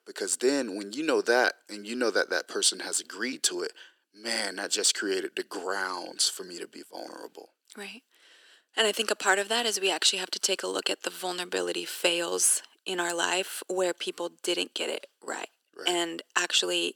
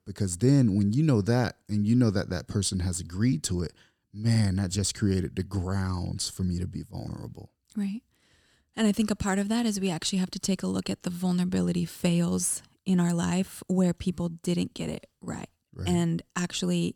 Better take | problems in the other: second | thin; very; fading below 350 Hz

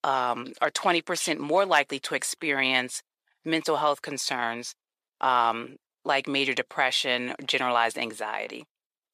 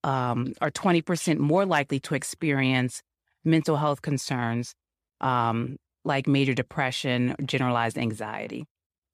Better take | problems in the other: second | thin; somewhat; fading below 500 Hz

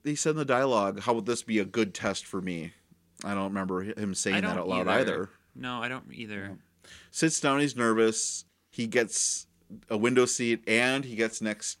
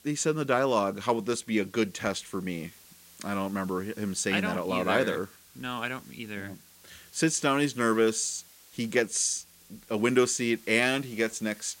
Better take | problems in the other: first | hiss; faint; throughout; 25 dB below the speech

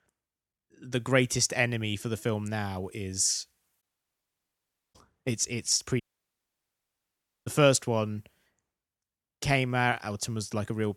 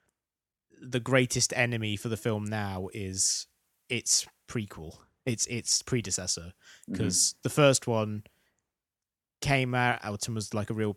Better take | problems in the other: second | audio cutting out; at 4 s for 1 s and at 6 s for 1.5 s

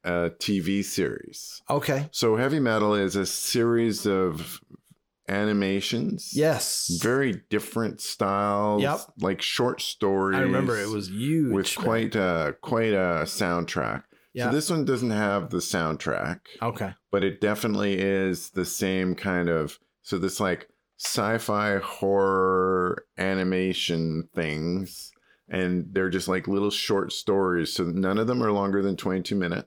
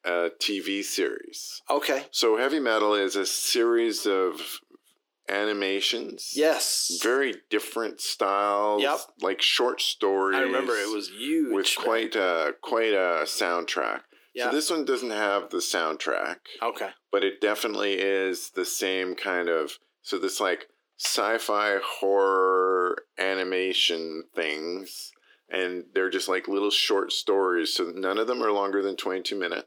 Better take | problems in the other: first | thin; somewhat; fading below 300 Hz

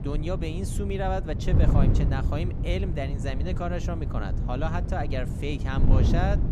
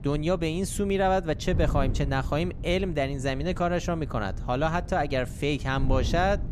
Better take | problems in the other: second | wind noise on the microphone; heavy; 5 dB below the speech; occasional gusts in the second

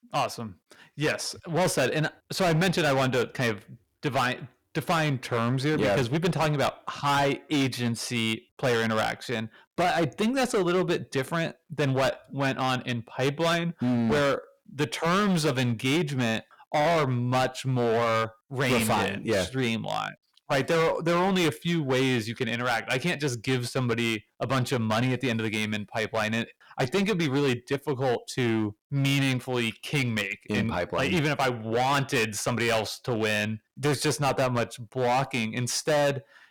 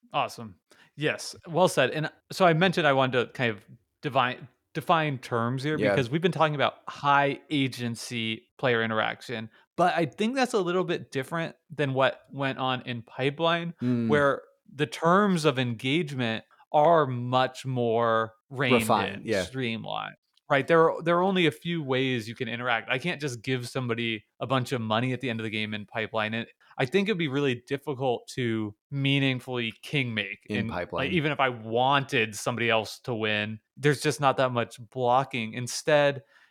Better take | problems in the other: second | distortion; heavy; 15% of the sound clipped

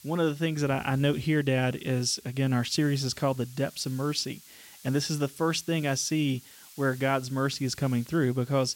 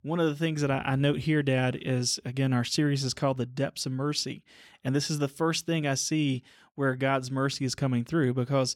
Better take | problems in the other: second | hiss; faint; throughout; 20 dB below the speech

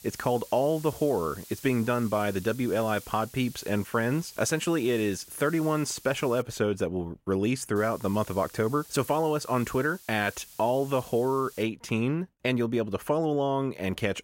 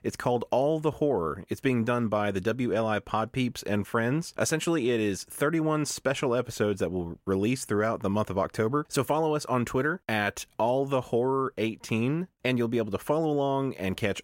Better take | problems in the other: second | hiss; noticeable; until 6.5 s and from 8 to 12 s; 20 dB below the speech

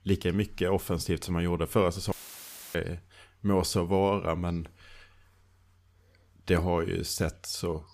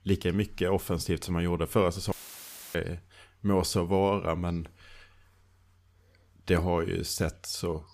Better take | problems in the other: neither | audio cutting out; filled with static; at 2 s for 0.5 s; the same in both

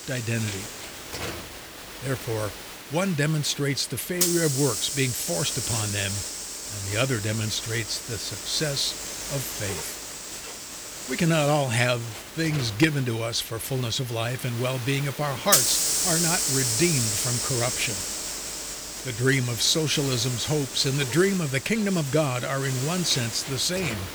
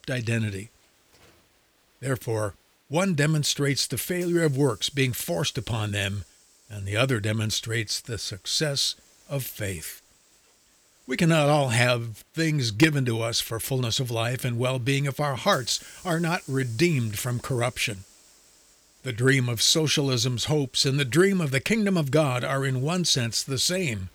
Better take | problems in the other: second | hiss; loud; throughout; 3 dB below the speech; faint in the second

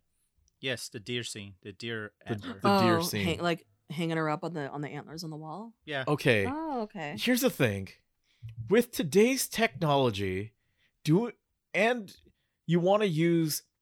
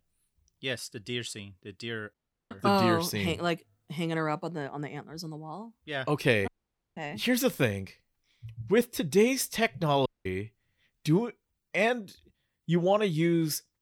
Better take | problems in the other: first | audio cutting out; at 2 s, at 6.5 s and at 10 s

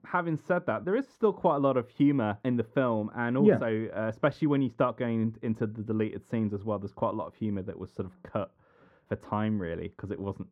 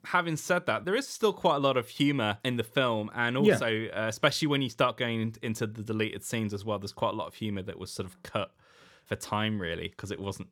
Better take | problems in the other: second | muffled; very; fading above 2.5 kHz

